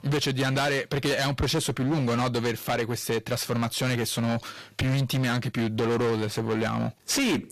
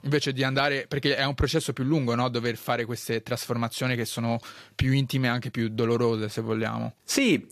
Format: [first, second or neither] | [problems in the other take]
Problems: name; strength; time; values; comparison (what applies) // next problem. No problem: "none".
second | distortion; heavy; 21% of the sound clipped